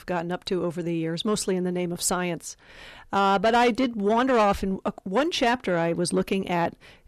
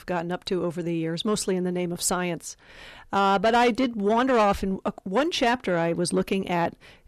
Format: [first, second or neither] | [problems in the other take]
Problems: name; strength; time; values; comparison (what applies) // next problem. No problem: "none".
neither | distortion; slight; 10 dB below the speech; the same in both